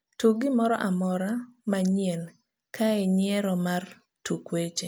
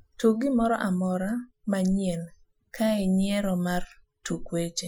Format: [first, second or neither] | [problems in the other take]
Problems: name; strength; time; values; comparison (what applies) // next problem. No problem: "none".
first | noise reduction (classical method Wiener filter)